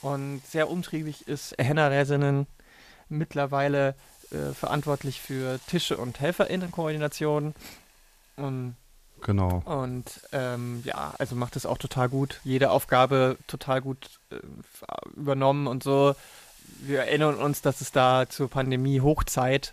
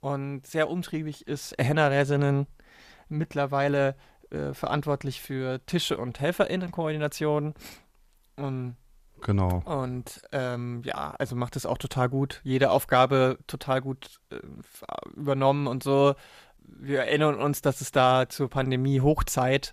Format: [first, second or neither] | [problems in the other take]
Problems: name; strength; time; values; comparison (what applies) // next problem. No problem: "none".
second | hiss; faint; throughout; 25 dB below the speech